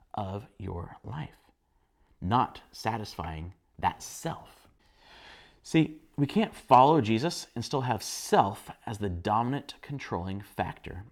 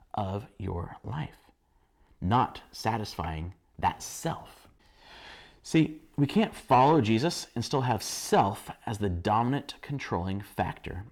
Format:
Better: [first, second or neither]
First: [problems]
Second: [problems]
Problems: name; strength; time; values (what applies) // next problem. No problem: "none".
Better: first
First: none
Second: distortion; slight; 10 dB below the speech